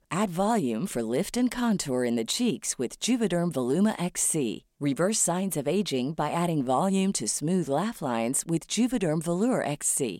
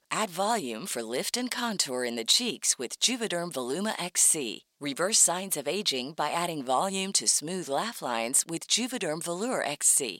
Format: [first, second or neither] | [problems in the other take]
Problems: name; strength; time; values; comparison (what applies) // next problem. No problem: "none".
first | thin; somewhat; fading below 1 kHz